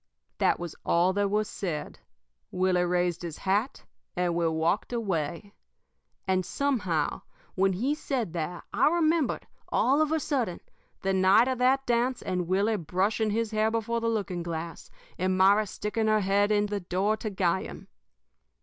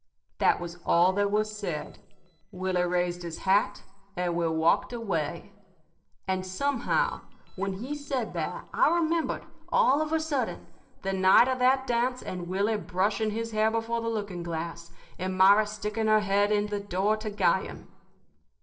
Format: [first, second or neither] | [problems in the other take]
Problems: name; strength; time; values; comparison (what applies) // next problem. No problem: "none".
first | noise reduction (neural separator model SepFormer DNS4)